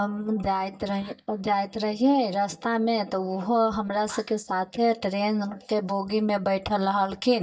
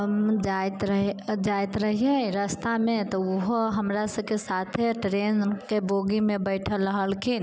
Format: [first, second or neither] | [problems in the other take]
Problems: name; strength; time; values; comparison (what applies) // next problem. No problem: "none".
second | noise reduction (neural mask model DeepFilterNet 3)